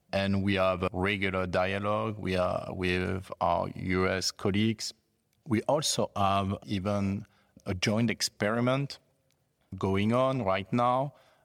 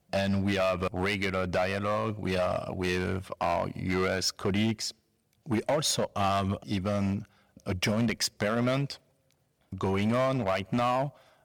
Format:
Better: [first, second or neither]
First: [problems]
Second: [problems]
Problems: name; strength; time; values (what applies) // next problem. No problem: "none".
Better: first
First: none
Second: distortion; slight; 7% of the sound clipped